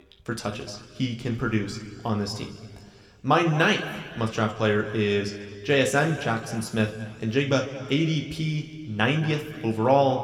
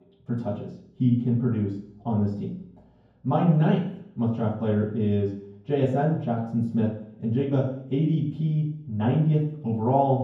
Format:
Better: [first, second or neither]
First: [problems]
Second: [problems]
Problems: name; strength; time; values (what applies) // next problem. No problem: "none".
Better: first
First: room echo; slight; dies away in 1.9 s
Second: room echo; strong; dies away in 0.9 s // off-mic speech; far